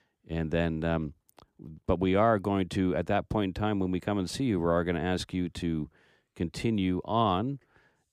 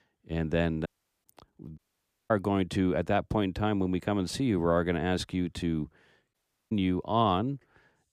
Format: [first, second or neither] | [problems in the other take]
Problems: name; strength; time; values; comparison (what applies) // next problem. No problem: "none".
first | audio cutting out; at 1 s, at 2 s for 0.5 s and at 6.5 s